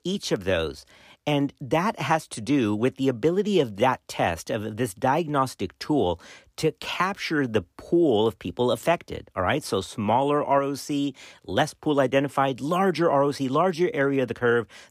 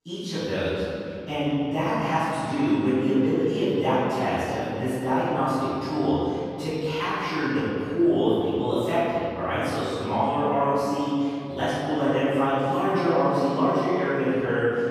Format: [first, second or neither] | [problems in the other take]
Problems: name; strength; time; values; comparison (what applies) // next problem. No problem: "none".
first | off-mic speech; far // room echo; strong; dies away in 2.7 s